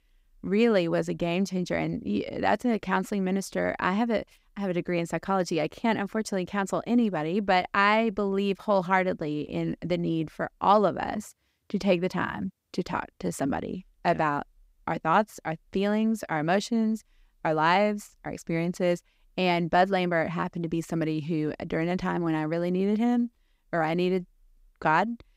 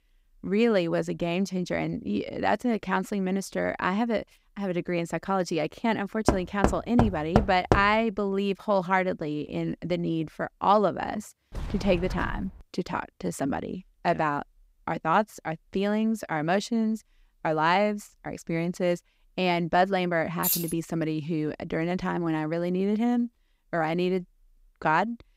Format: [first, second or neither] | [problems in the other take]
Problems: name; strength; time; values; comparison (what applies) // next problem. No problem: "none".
first | door banging; loud; from 6.5 to 8 s; peak 2 dB above the speech // door banging; noticeable; from 12 to 13 s; peak 9 dB below the speech // jangling keys; loud; at 20 s; peak 1 dB above the speech